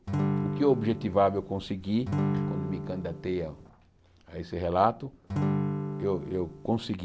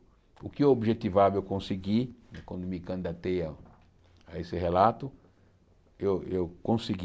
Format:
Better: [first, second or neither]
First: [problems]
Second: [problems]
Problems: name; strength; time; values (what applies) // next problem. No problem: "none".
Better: second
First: background sound (Acoustic guitar / Strum); 2 dB below the speech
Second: none